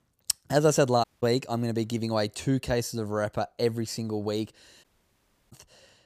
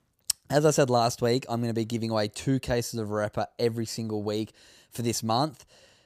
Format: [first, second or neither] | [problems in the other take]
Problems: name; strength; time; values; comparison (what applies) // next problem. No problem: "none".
second | audio cutting out; at 1 s and at 5 s for 0.5 s